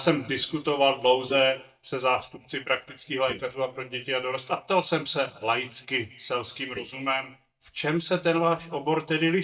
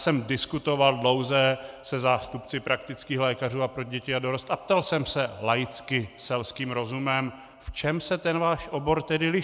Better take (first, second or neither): second